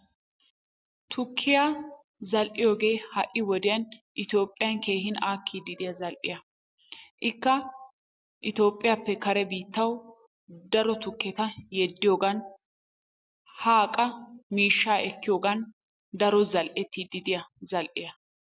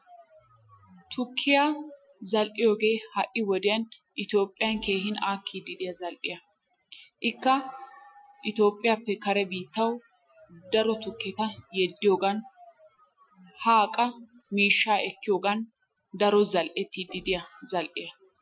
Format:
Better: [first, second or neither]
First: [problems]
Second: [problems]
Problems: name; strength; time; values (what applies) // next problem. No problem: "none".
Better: first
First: none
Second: noise reduction (classical method Wiener filter)